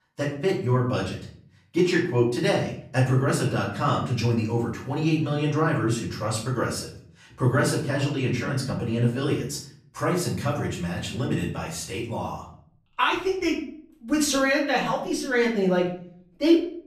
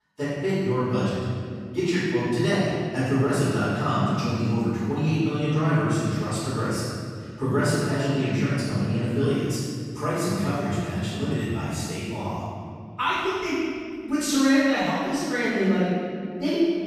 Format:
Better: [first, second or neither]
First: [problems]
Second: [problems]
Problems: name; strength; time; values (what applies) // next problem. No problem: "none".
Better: first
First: room echo; slight; dies away in 0.5 s // off-mic speech; far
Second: room echo; strong; dies away in 2.1 s // off-mic speech; far